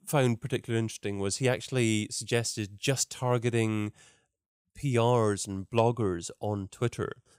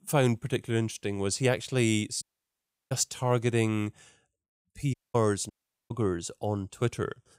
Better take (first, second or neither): first